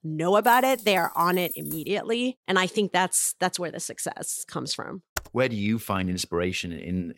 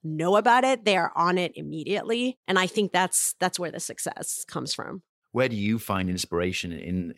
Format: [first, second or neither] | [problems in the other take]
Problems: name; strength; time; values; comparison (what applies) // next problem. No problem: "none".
second | jangling keys; noticeable; until 2 s; peak 8 dB below the speech // keyboard typing; very faint; at 5 s; peak 10 dB below the speech